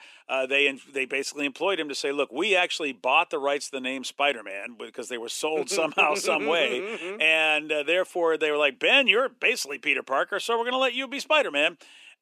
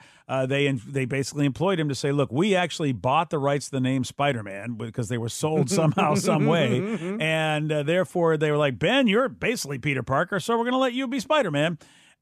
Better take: second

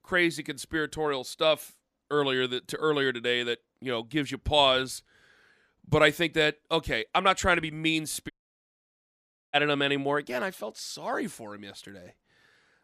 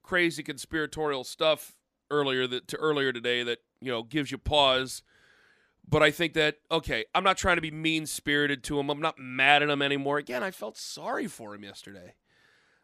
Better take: second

